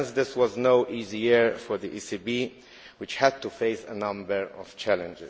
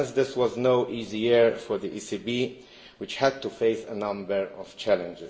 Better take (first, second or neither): first